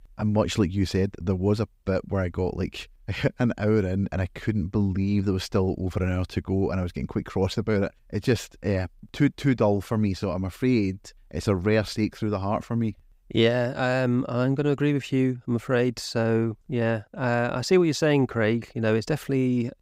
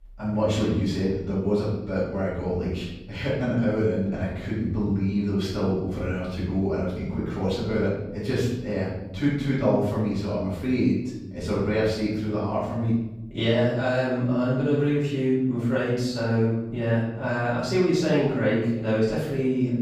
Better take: first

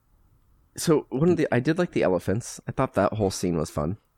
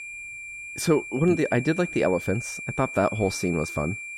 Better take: first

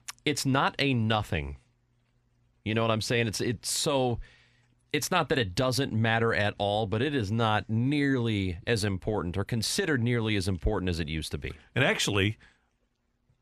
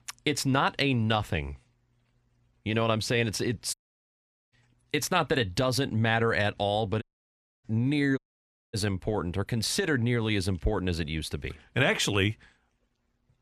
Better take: first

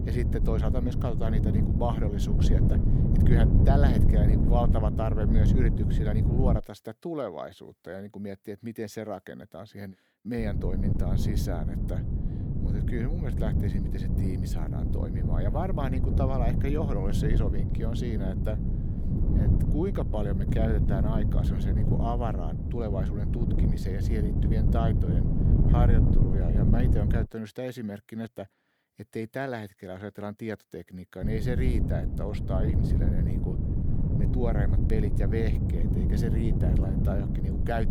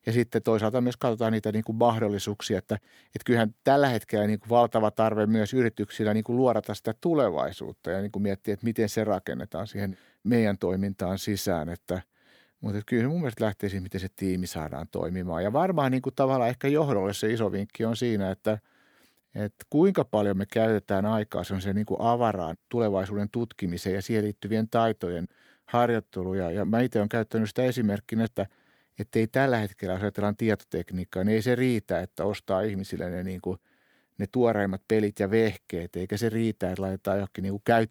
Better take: second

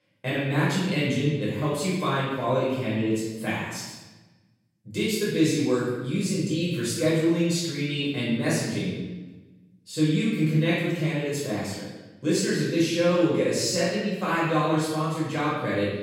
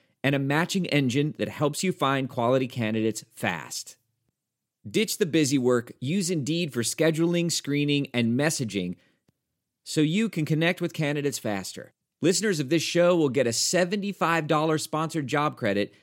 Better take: second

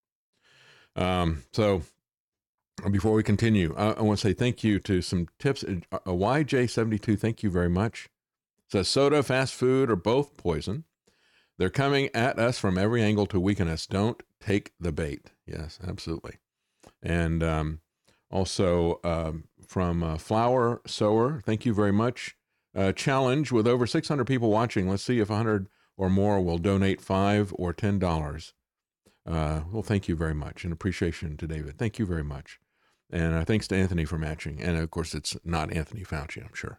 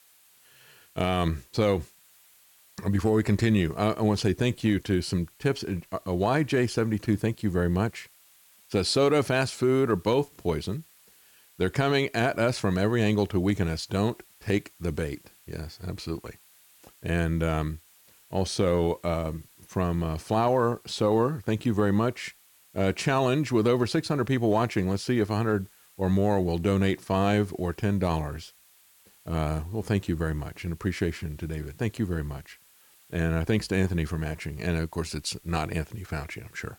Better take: first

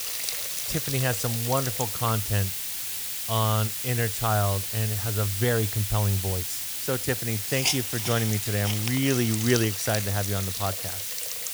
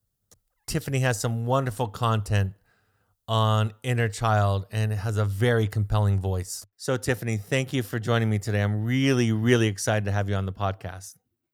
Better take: second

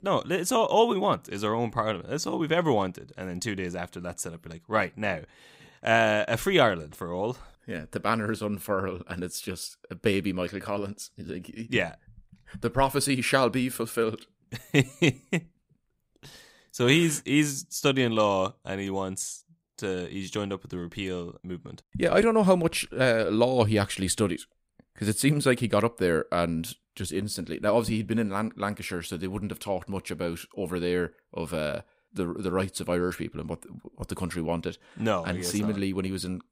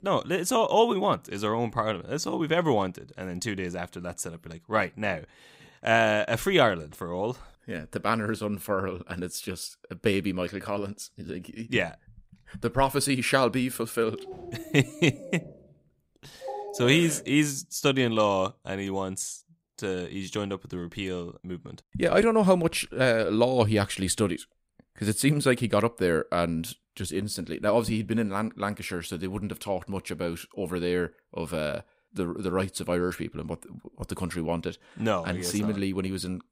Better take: first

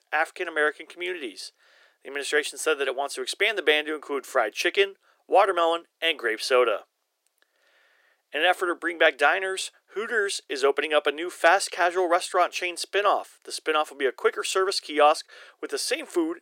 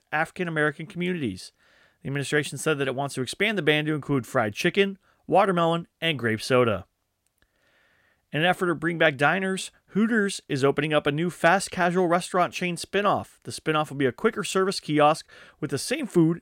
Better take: second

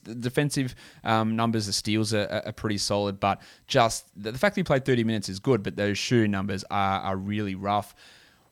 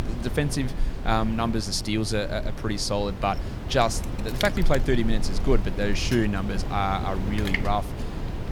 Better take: first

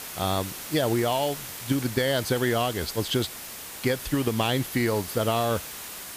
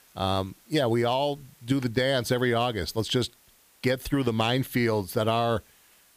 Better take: second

